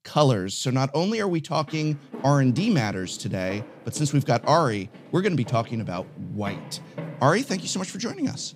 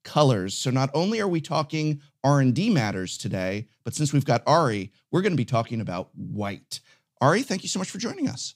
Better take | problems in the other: second | footsteps; faint; from 1.5 s on; peak 10 dB below the speech

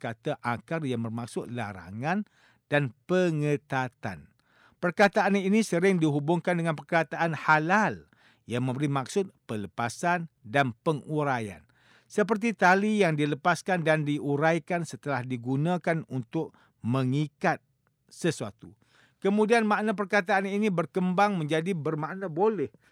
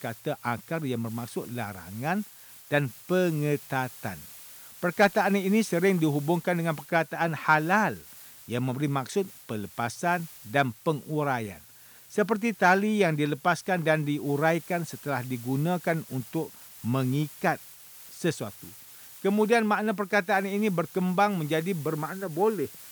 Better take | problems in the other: first | hiss; noticeable; throughout; 20 dB below the speech

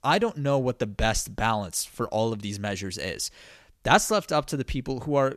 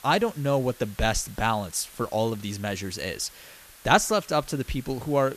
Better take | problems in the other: first | hiss; faint; throughout; 20 dB below the speech

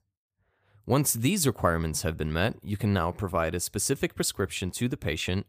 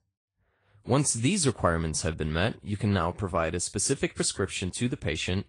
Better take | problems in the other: first | garbled, watery; slightly; nothing above 8.5 kHz

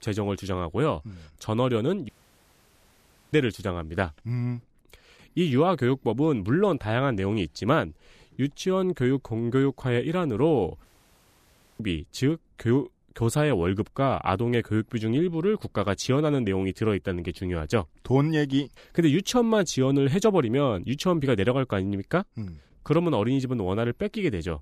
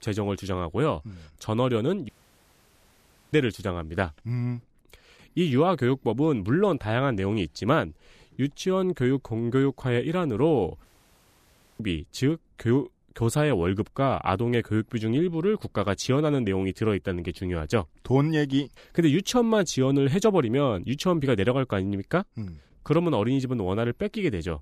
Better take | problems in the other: neither | audio cutting out; at 2 s for 1 s and at 11 s for 1 s; the same in both

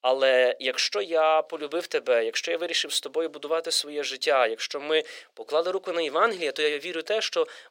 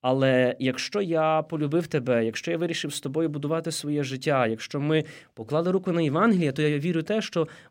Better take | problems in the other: second | thin; very; fading below 450 Hz

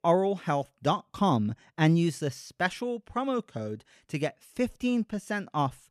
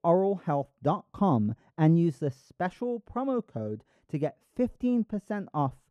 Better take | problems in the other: first | muffled; slightly; fading above 1.5 kHz

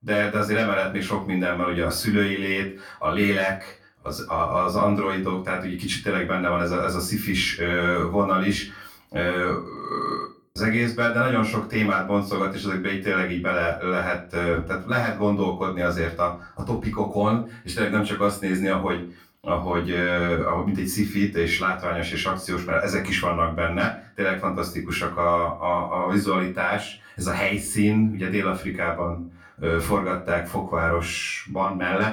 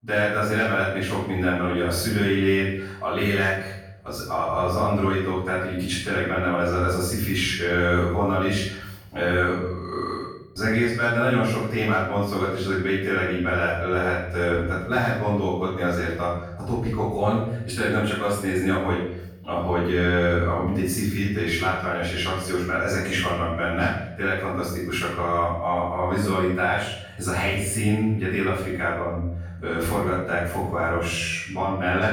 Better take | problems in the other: first | room echo; strong; dies away in 0.8 s; slight in the first // off-mic speech; far; far in the first

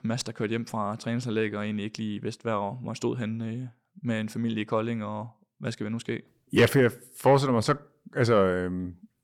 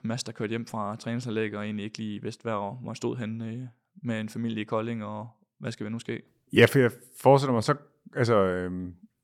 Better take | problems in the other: second | distortion; slight; 10 dB below the speech

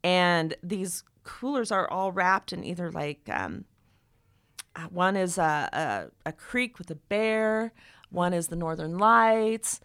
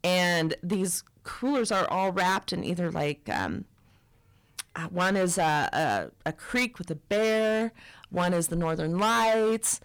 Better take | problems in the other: first | distortion; heavy; 11% of the sound clipped

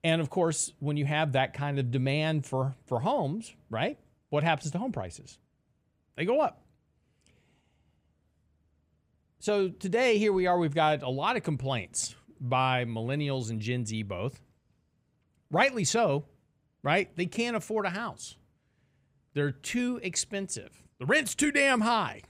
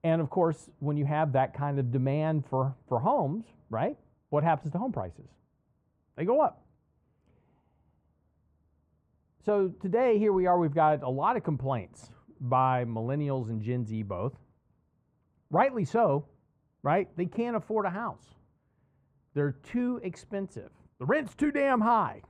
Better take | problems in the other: first | muffled; very; fading above 2 kHz

